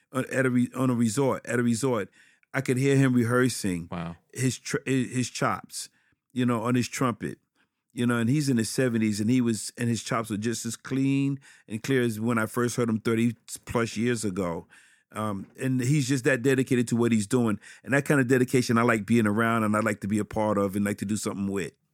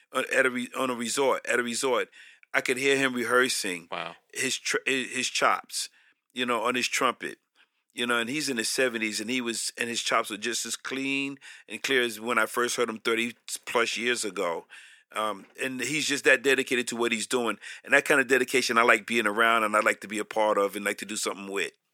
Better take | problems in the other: first | thin; somewhat; fading below 500 Hz

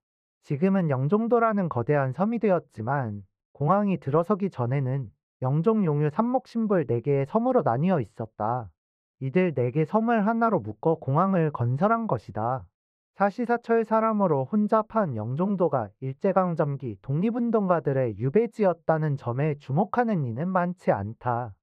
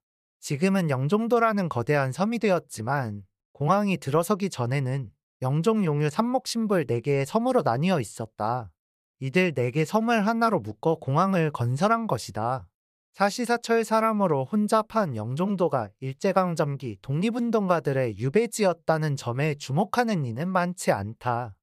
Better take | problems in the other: second | muffled; very; fading above 3 kHz

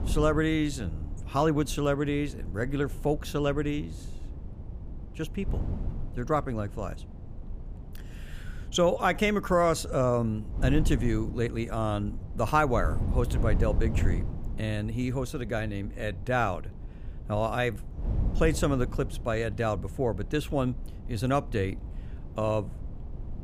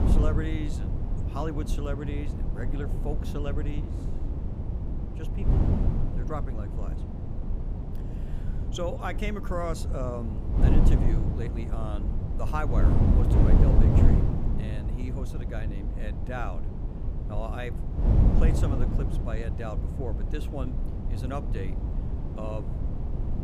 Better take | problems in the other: first | wind noise on the microphone; heavy; 2 dB below the speech; occasional gusts in the first

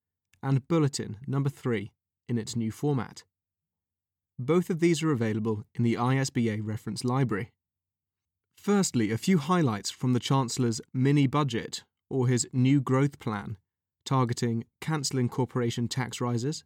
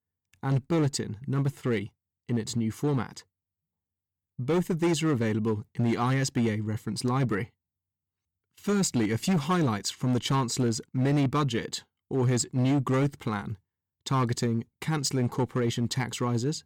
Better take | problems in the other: first | distortion; slight; 7% of the sound clipped

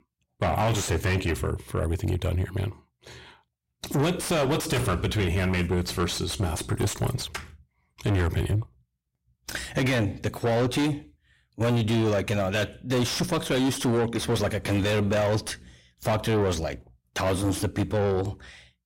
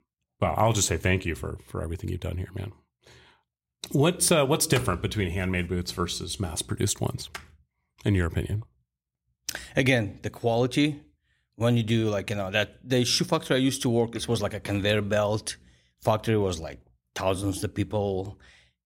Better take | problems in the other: second | distortion; heavy; 5 dB below the speech

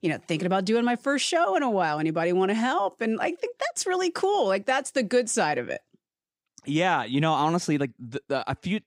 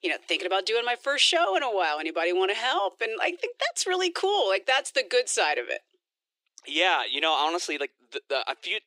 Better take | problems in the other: first | thin; very; fading below 350 Hz

